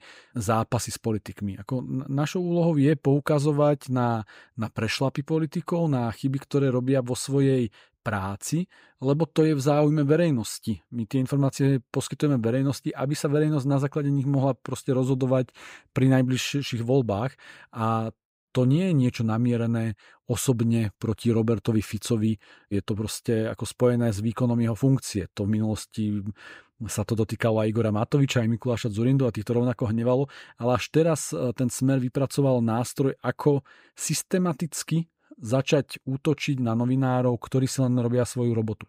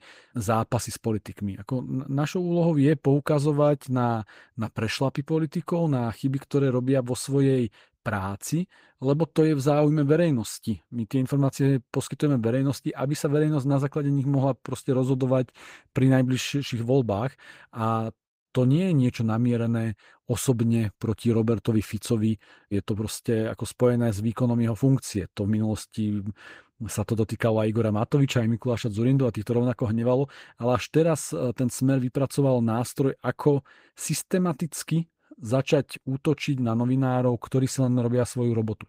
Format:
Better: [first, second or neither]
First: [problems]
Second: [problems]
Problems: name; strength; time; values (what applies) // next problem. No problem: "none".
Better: first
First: none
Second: garbled, watery; slightly; nothing above 15.5 kHz